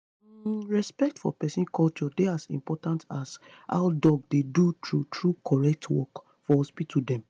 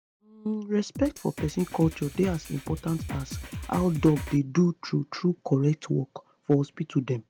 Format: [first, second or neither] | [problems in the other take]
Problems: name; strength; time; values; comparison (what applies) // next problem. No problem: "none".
first | background sound (Drum kit); 10 dB below the speech